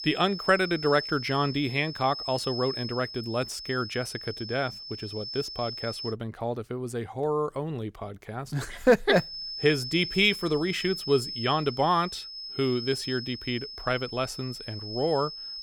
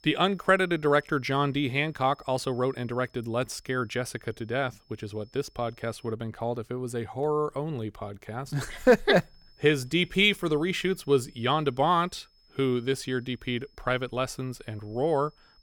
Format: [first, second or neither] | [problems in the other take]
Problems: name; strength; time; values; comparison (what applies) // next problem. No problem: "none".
second | high-pitched whine; loud; until 6 s and from 9 s on; 5 kHz, 8 dB below the speech; faint in the second